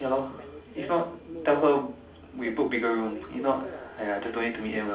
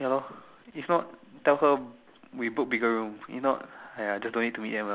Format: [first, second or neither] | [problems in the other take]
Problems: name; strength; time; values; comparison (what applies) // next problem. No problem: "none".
second | background sound (Subway, metro, underground); 13 dB below the speech // room echo; dies away in 0.4 s